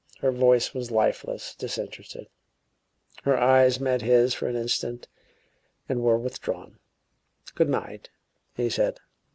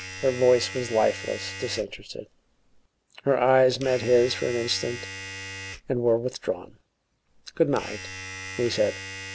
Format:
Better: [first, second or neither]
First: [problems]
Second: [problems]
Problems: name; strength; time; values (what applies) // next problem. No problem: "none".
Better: first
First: none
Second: background sound (Domestic sounds, home sounds); 13 dB below the speech